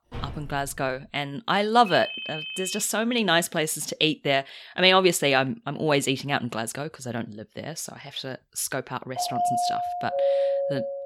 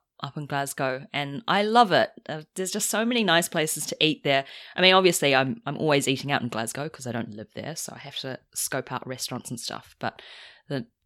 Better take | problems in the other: second | door banging; faint; at the start; peak 15 dB below the speech // phone ringing; noticeable; at 2 s; peak 7 dB below the speech // doorbell; loud; from 9 s on; peak 2 dB above the speech

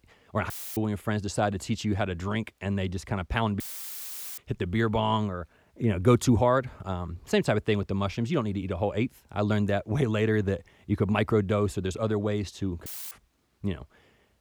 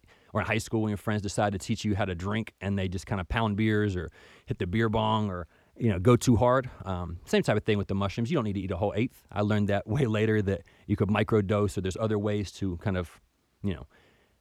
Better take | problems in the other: second | audio cutting out; filled with static; at 0.5 s, at 3.5 s for 1 s and at 13 s

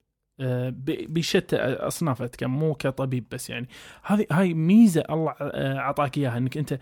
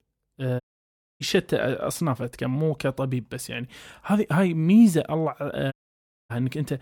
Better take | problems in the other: first | audio cutting out; at 0.5 s for 0.5 s and at 5.5 s for 0.5 s

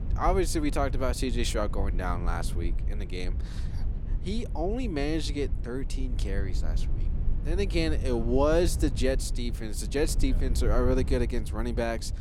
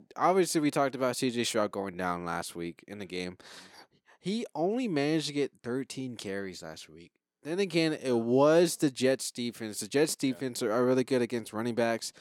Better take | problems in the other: second | low rumble; noticeable; throughout; 15 dB below the speech

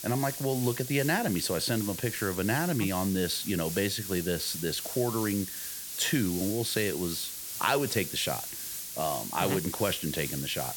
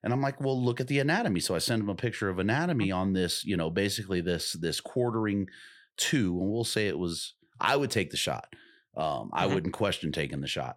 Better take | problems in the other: second | hiss; loud; throughout; 5 dB below the speech

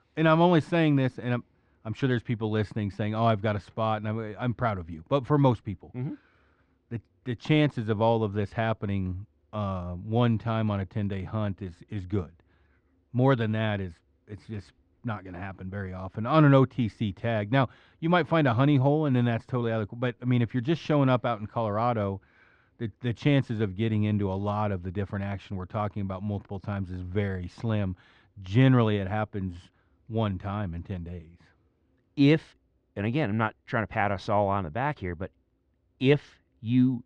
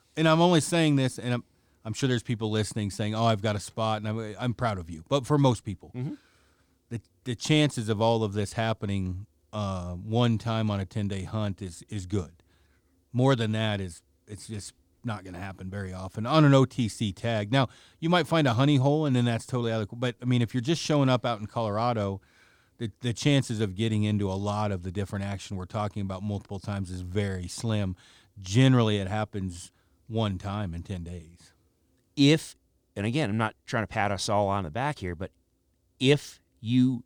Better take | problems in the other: second | muffled; very; fading above 2 kHz

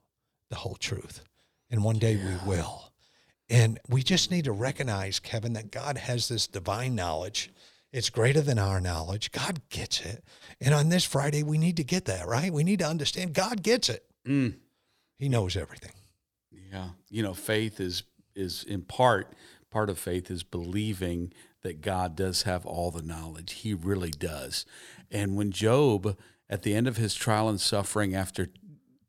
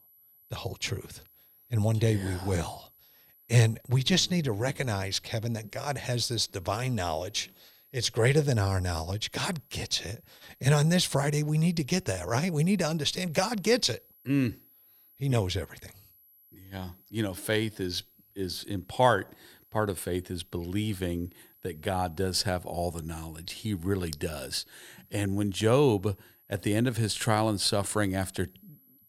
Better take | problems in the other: first | high-pitched whine; faint; throughout; 12 kHz, 30 dB below the speech

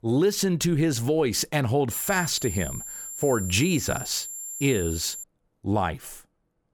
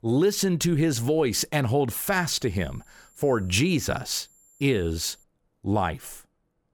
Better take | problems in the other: second | high-pitched whine; loud; from 2 to 5 s; 7.5 kHz, 8 dB below the speech; faint in the second

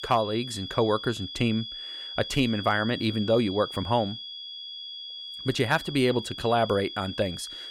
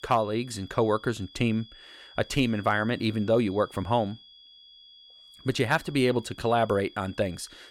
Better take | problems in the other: second | high-pitched whine; loud; throughout; 3.5 kHz, 9 dB below the speech; faint in the second

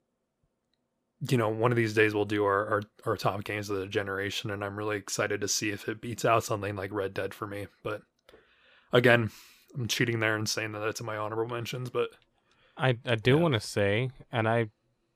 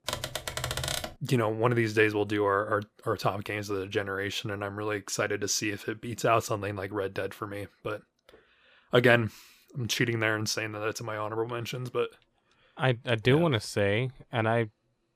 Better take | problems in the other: first | keyboard typing; noticeable; until 1 s; peak 2 dB below the speech

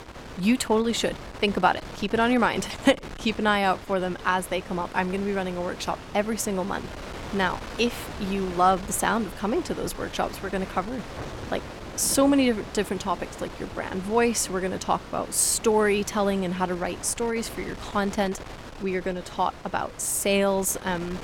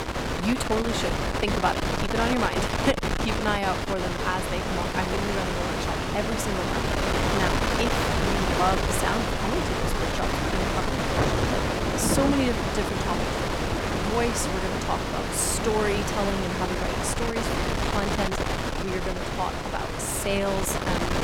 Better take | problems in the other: first | wind noise on the microphone; heavy; 3 dB above the speech; occasional gusts in the first

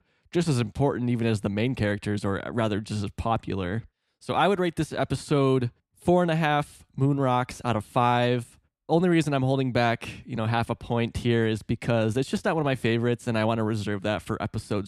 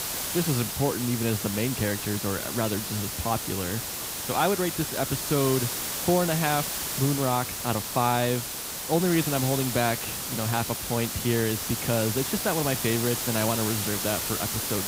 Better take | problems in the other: first | hiss; loud; throughout; 2 dB below the speech

